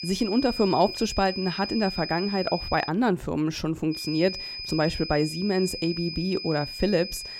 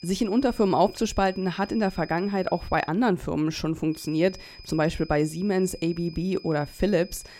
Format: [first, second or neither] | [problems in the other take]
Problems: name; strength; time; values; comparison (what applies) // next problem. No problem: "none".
second | high-pitched whine; loud; until 3 s and from 4 s on; 5 kHz, 7 dB below the speech; faint in the second